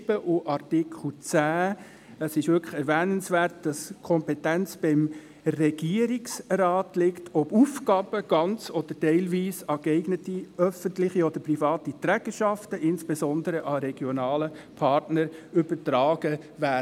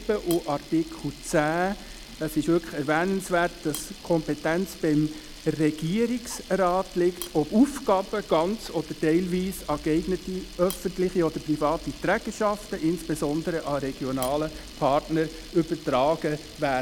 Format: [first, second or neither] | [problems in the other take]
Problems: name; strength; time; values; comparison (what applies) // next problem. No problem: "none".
first | background sound (Camera); 16 dB below the speech